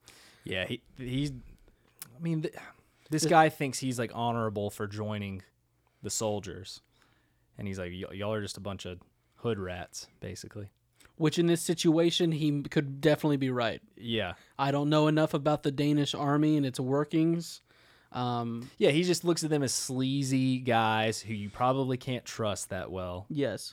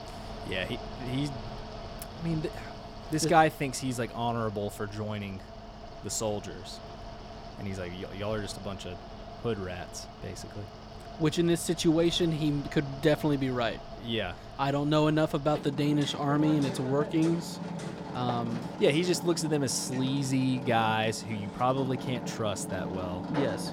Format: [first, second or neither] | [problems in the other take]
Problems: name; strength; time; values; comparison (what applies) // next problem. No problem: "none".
first | machinery noise; noticeable; throughout; 10 dB below the speech